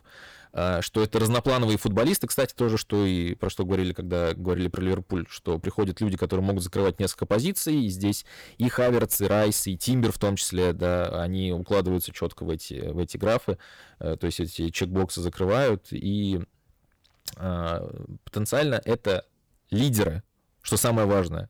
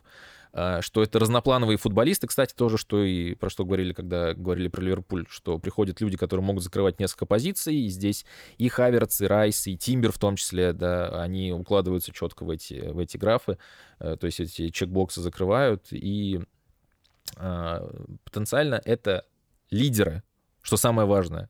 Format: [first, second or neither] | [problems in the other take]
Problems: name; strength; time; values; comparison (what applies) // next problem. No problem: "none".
second | distortion; slight; 7% of the sound clipped